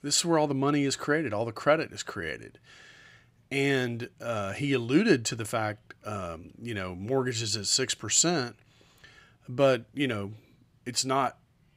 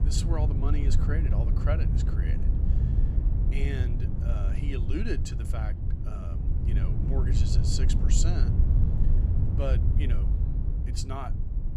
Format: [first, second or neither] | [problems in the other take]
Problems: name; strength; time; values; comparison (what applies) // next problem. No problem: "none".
first | wind noise on the microphone; heavy; 3 dB below the speech